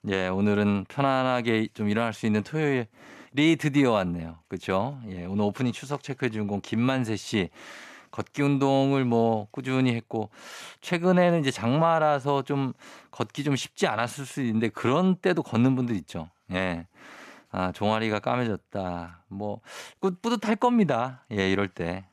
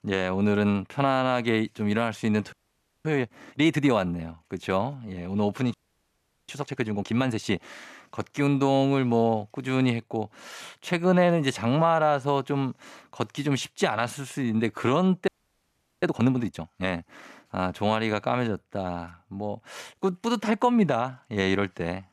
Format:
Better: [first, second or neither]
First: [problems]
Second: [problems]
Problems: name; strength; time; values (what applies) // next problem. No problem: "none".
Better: first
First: none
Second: audio freezing; at 2.5 s for 0.5 s, at 5.5 s for 0.5 s and at 15 s for 0.5 s